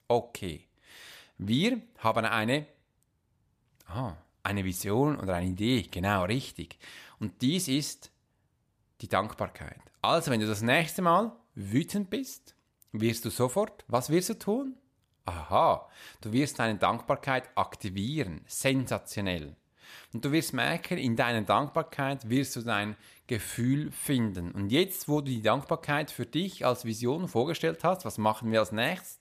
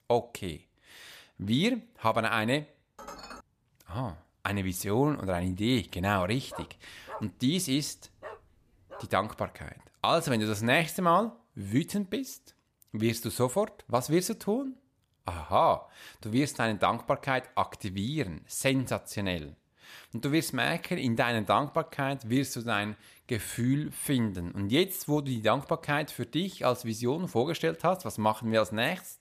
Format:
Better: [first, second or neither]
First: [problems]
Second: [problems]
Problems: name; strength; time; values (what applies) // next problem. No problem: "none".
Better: first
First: none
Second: clattering dishes; faint; at 3 s; peak 15 dB below the speech // dog barking; faint; from 6.5 to 9 s; peak 15 dB below the speech